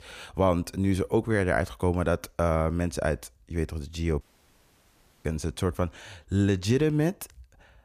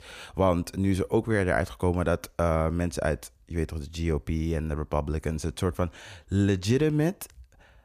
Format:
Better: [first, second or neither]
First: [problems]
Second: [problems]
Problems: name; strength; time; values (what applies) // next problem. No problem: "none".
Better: second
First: audio cutting out; at 4 s for 1 s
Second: none